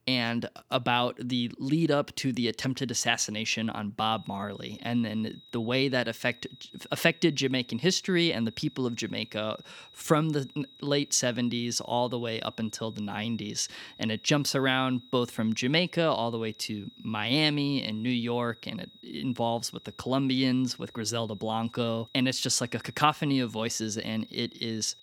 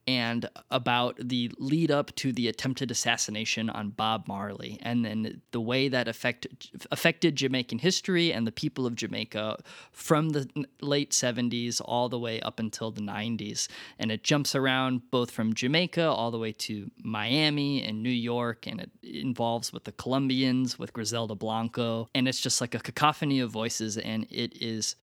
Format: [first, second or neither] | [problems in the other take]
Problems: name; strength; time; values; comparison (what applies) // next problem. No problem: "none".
second | high-pitched whine; faint; from 4 s on; 4 kHz, 25 dB below the speech